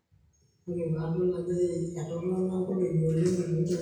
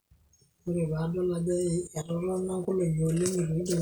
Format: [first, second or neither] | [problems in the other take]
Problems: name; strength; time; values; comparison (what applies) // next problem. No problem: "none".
second | room echo; dies away in 0.8 s